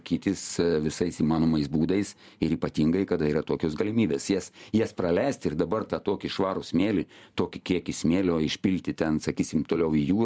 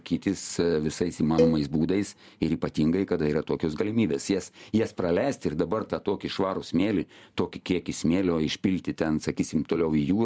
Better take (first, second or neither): first